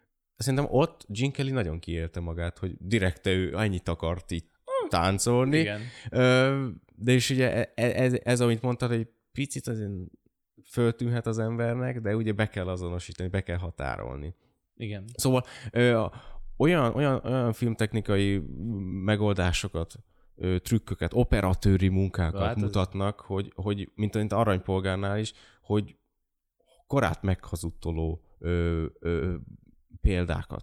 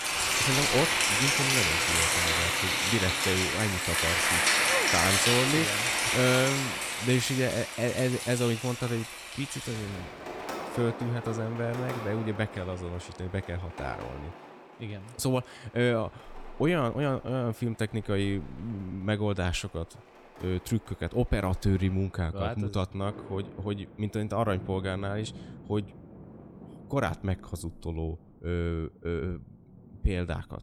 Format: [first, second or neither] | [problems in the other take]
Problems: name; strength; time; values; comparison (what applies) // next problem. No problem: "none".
first | rain or running water; very loud; throughout; 5 dB above the speech